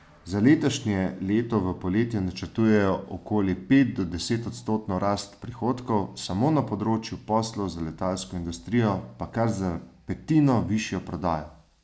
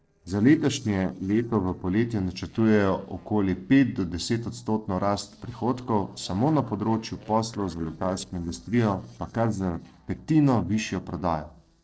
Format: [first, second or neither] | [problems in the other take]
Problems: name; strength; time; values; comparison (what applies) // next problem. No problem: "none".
first | noise reduction (neural separator model SepFormer DNS4)